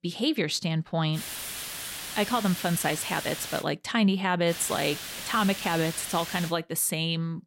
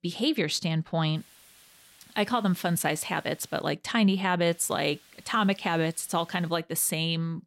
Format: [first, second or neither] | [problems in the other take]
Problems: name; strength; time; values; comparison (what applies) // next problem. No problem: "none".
second | hiss; loud; from 1 to 3.5 s and from 4.5 to 6.5 s; 8 dB below the speech; faint in the second